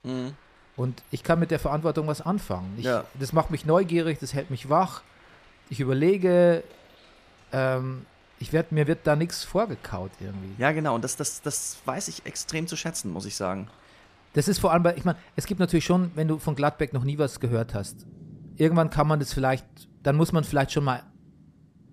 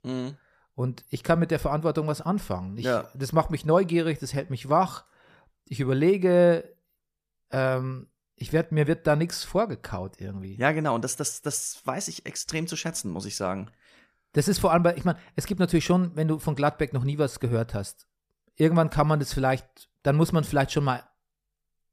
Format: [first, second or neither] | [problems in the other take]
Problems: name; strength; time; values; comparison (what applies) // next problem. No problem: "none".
second | rain or running water; faint; throughout; 25 dB below the speech